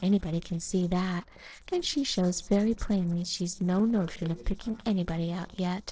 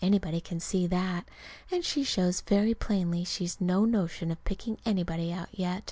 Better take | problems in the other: second | noise reduction (neural separator model SepFormer DNS4)

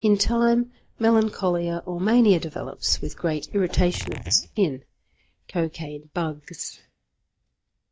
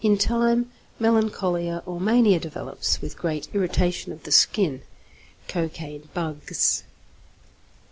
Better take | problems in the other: second | noise reduction (neural mask model DeepFilterNet 3)

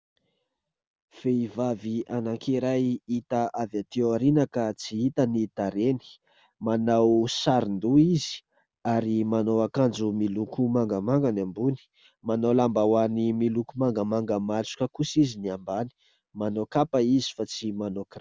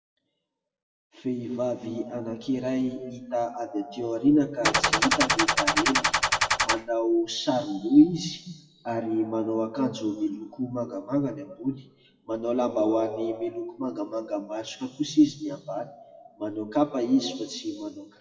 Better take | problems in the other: first | noise reduction (classical method WPE with log-MMSE)

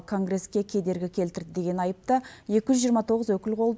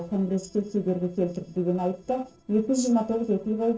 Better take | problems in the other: first | noise reduction (neural separator model SepFormer DNS4)

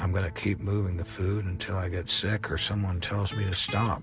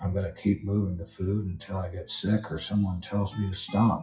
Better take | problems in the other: first | noise reduction (classical method WPE with log-MMSE)

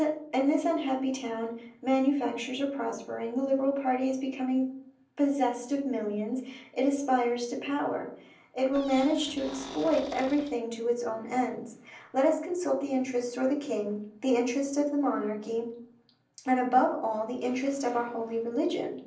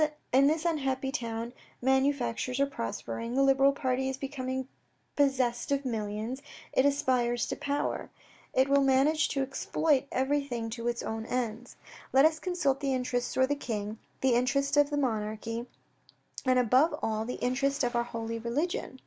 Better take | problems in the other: second | noise reduction (neural separator model SepFormer DNS4)

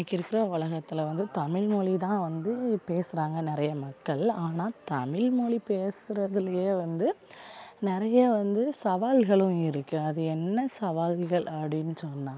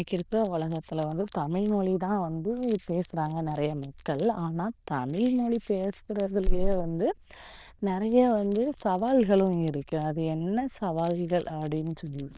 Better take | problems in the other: first | noise reduction (neural diffusion model UNIVERSE++)

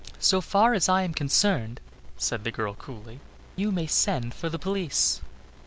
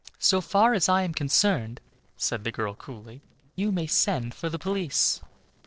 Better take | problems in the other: first | noise reduction (neural separator model SepFormer DNS4)

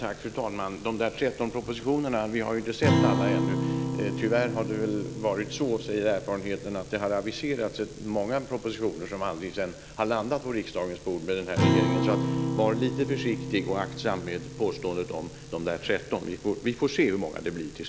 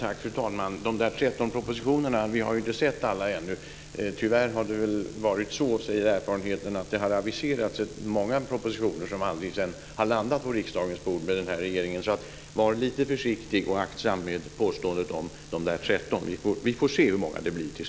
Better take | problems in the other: second | background sound (Acoustic guitar); 3 dB below the speech

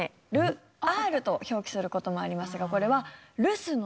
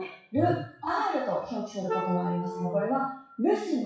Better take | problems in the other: first | noise reduction (classical method WPE with log-MMSE)

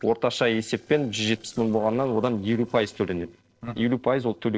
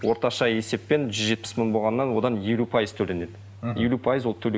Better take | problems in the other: second | noise reduction (neural separator model SepFormer DNS4)

